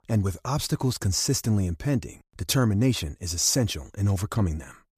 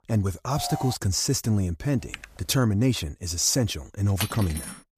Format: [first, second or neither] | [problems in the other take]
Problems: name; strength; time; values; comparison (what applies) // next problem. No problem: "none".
first | alarm; noticeable; at 0.5 s; peak 9 dB below the speech // keyboard typing; faint; at 2 s; peak 15 dB below the speech // clattering dishes; noticeable; at 4 s; peak 6 dB below the speech